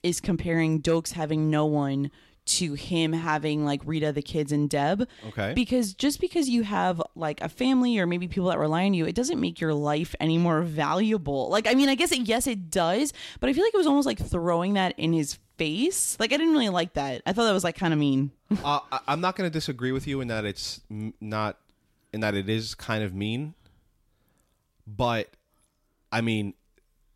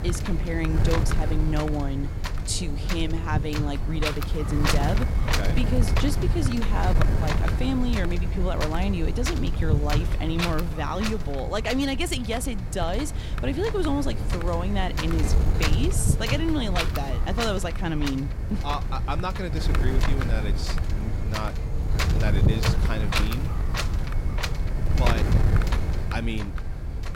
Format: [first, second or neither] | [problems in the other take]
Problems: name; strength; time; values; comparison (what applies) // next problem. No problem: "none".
first | wind noise on the microphone; heavy; 2 dB below the speech